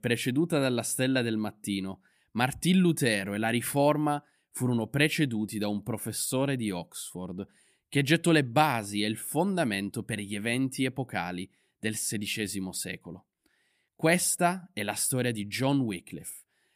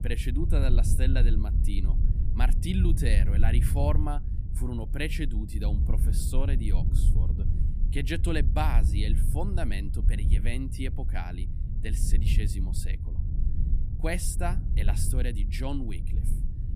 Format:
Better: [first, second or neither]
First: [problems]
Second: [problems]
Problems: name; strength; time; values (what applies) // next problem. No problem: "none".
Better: first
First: none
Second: low rumble; loud; throughout; 9 dB below the speech